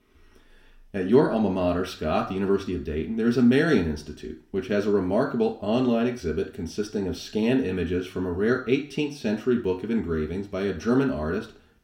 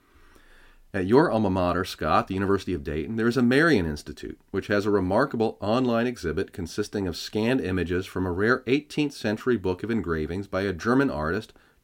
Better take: second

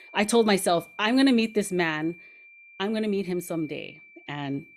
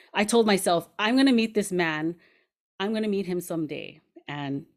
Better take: second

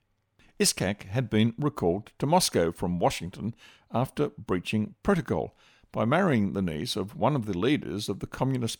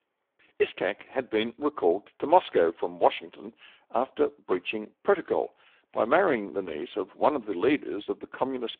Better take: first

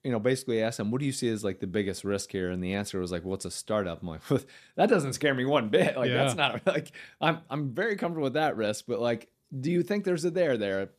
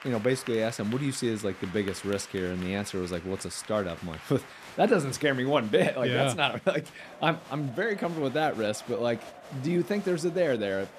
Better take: first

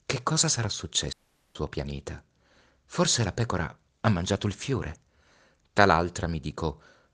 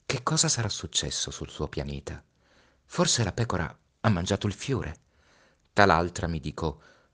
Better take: second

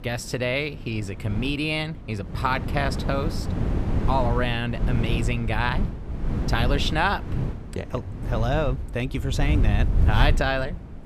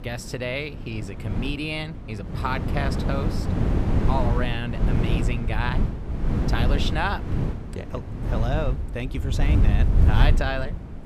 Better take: first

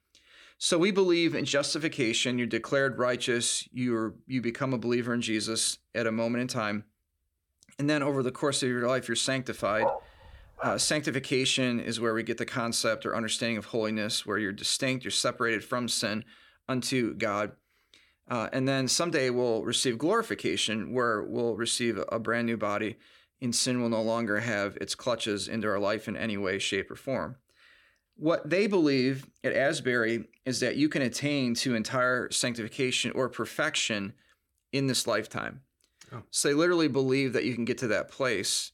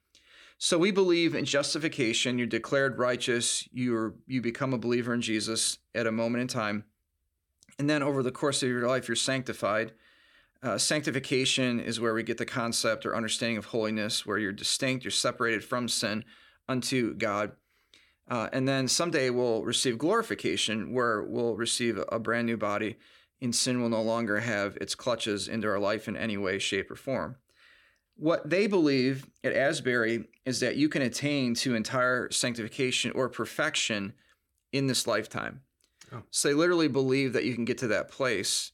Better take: second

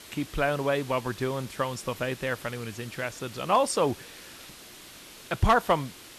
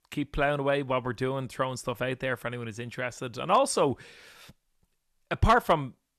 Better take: second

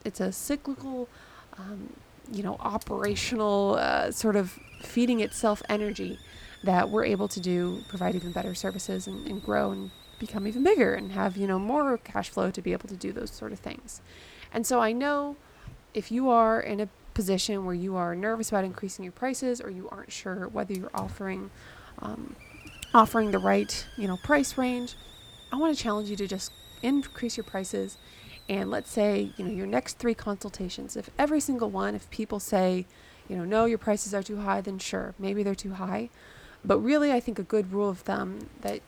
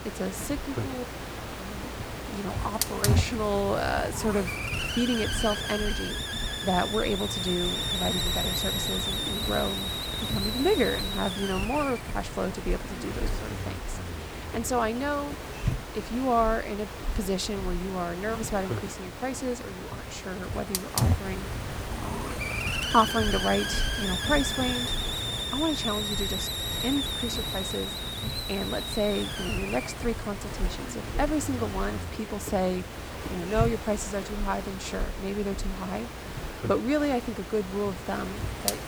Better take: first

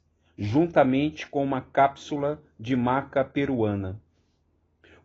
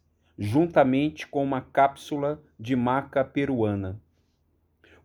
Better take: second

